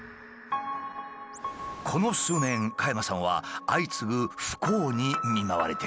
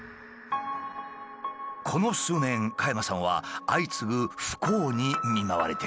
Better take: second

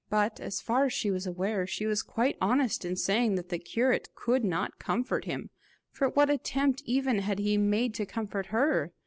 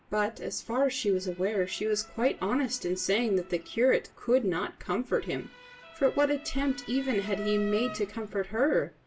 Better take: first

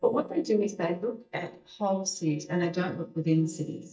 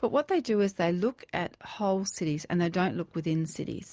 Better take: second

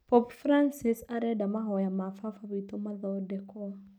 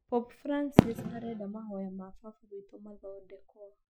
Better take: first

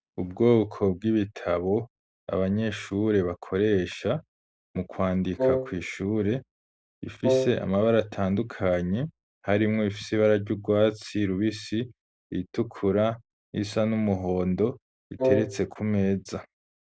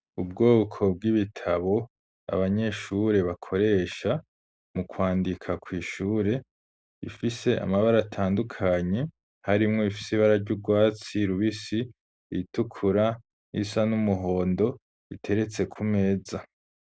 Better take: second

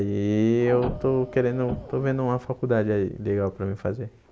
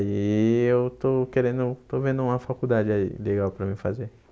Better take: second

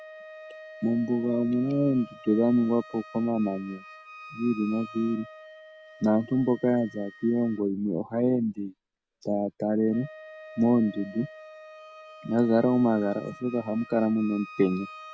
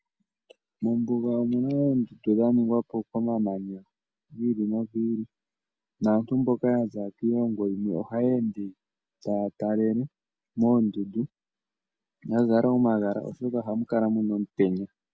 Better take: second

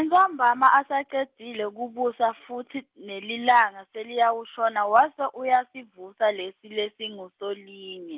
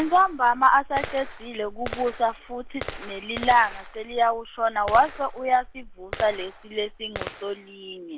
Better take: first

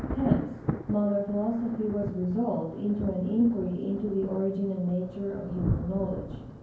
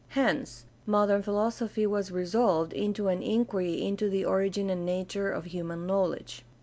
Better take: second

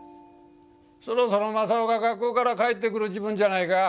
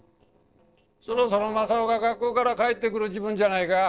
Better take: first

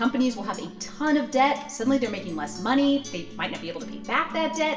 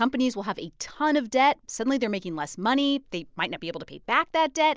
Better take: second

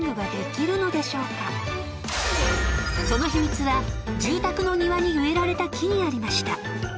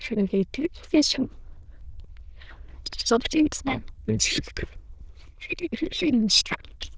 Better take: first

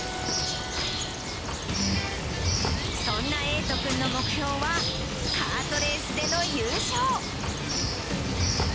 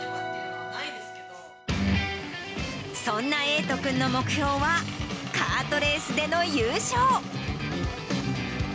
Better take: second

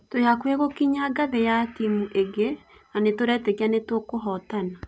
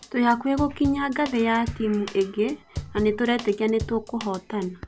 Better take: first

